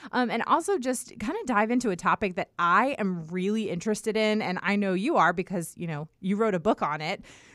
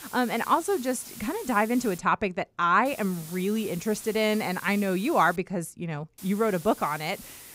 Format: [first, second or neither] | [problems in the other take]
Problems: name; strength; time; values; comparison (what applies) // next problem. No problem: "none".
first | hiss; noticeable; until 2 s, from 3 to 5.5 s and from 6 s on; 15 dB below the speech